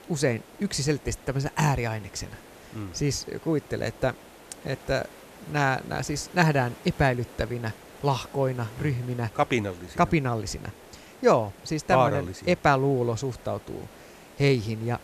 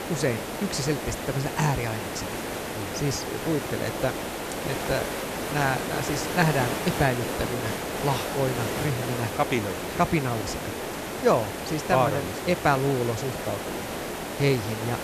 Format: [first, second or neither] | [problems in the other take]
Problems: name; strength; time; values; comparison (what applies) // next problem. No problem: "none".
first | hiss; loud; throughout; 3 dB below the speech; faint in the first